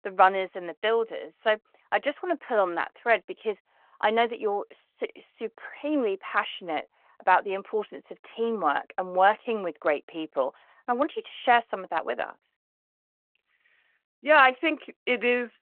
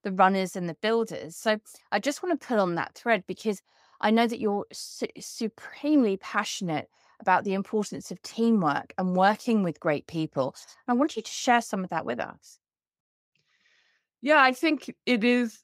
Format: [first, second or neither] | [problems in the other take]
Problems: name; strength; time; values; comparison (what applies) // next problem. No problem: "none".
second | phone-call audio